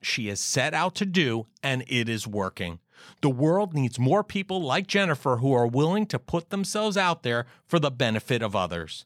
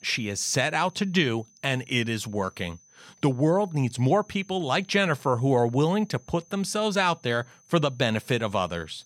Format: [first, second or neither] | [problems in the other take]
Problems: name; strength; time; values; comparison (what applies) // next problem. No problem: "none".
first | high-pitched whine; faint; throughout; 6 kHz, 30 dB below the speech